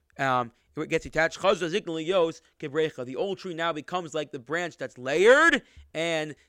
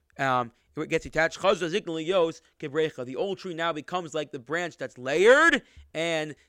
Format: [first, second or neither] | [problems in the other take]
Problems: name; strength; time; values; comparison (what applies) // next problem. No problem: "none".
neither | none